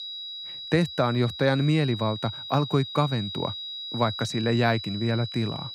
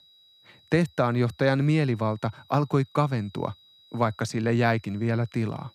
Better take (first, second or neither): second